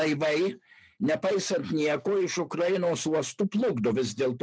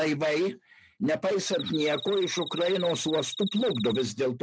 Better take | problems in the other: first | background sound (Cricket); 10 dB below the speech

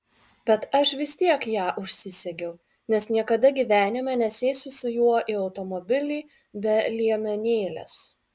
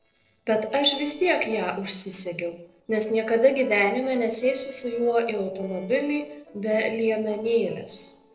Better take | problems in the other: first | noise reduction (neural separator model SepFormer DNS4)

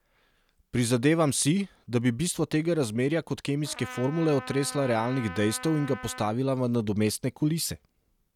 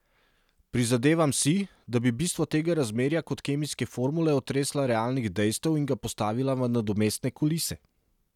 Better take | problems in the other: second | background sound (Trumpet); 15 dB below the speech

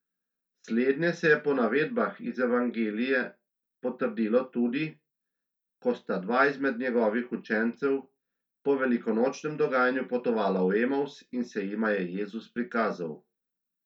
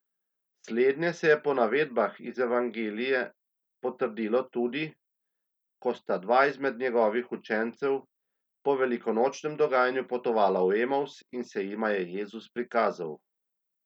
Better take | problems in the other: second | room echo; dies away in 0.2 s

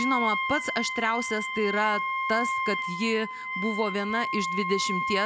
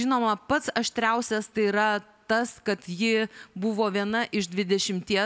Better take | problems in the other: second | background sound (Wind instrument, woodwind instrument); 1 dB below the speech

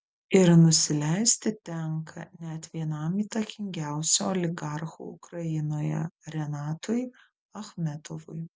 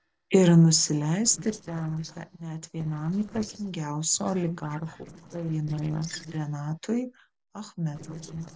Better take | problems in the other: first | noise reduction (neural separator model SepFormer DNS4)

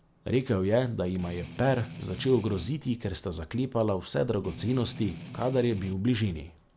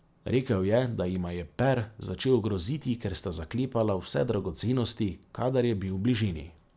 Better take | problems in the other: second | background sound (Strum); 13 dB below the speech

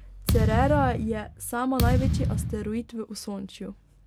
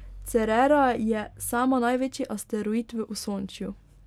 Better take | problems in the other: second | background sound (Thump, thud); 3 dB above the speech

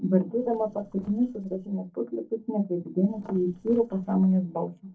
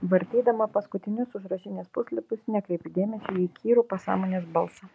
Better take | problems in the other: second | noise reduction (neural separator model SepFormer DNS4)

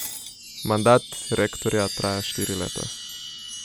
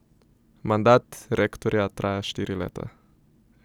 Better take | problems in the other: second | background sound (Shatter + Chime); 9 dB below the speech

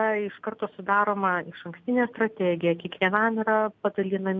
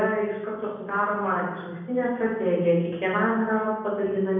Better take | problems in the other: first | room echo; dies away in 1.1 s

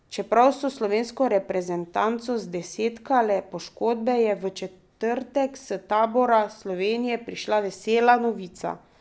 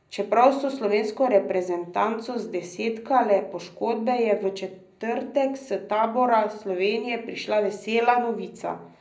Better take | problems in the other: first | room echo; dies away in 0.5 s

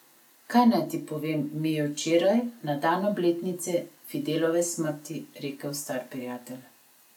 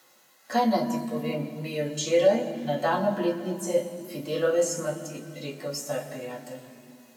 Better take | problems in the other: first | room echo; dies away in 2.1 s

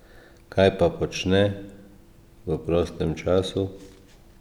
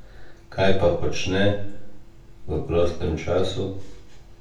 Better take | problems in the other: first | room echo; dies away in 0.3 s

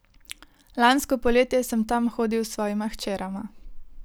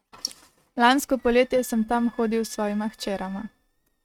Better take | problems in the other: first | noise reduction (neural mask model RNNoise)

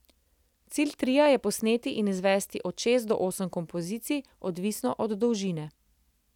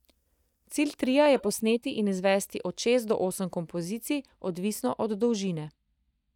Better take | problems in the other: first | noise reduction (neural mask model DeepFilterNet 3)

